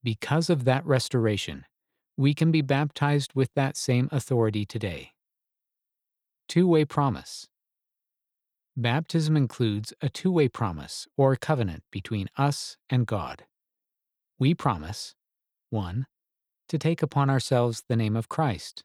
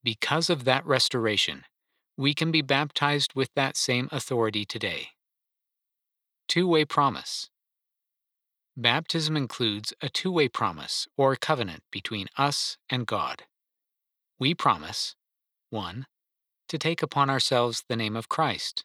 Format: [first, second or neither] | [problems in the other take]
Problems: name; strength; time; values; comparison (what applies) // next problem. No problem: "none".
first | thin; somewhat; fading below 700 Hz